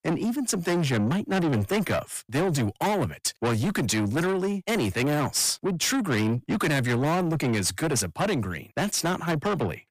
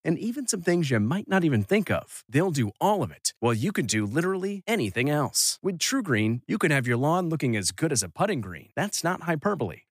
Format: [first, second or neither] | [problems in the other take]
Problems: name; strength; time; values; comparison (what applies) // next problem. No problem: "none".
second | distortion; heavy; 8 dB below the speech